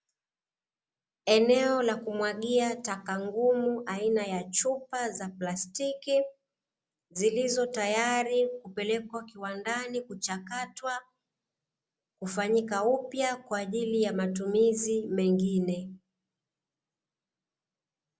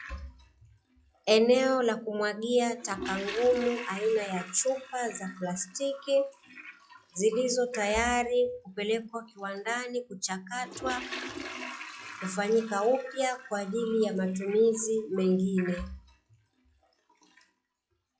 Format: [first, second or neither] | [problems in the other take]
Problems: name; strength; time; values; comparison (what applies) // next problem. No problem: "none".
first | noise reduction (classical method log-MMSE)